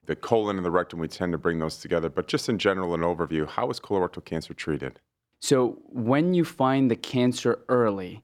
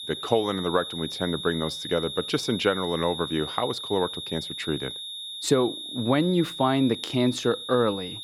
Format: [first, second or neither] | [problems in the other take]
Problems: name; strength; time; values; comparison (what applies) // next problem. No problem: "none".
first | high-pitched whine; loud; throughout; 3.5 kHz, 7 dB below the speech